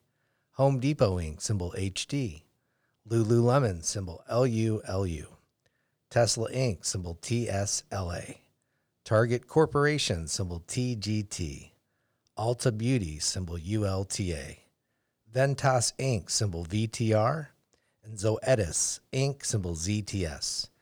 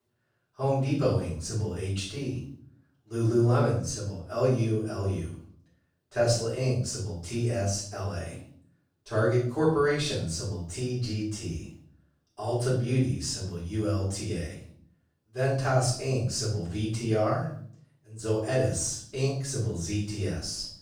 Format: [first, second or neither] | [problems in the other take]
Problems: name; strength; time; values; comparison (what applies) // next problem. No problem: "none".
first | off-mic speech; far // room echo; noticeable; dies away in 0.5 s